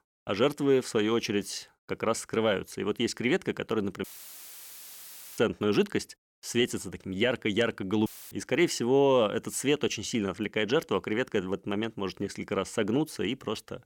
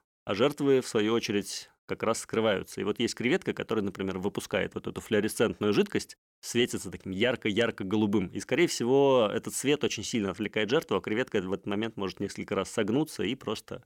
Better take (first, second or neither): second